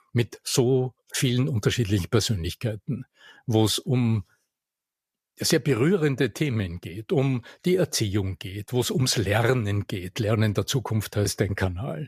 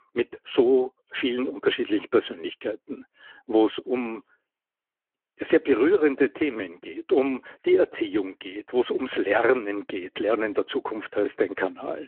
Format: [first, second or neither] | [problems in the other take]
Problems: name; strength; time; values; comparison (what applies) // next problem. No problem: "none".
first | phone-call audio